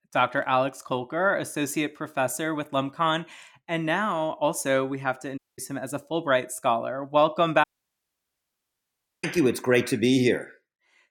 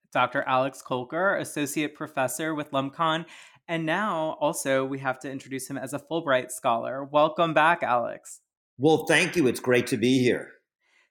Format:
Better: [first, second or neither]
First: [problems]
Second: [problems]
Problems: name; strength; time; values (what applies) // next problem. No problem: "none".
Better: second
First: audio cutting out; at 5.5 s and at 7.5 s for 1.5 s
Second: none